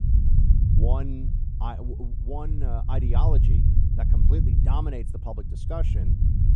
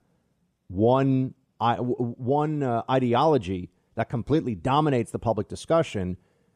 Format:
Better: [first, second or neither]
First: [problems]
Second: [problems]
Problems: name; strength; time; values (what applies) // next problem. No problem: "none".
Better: second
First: low rumble; loud; throughout; 3 dB below the speech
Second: none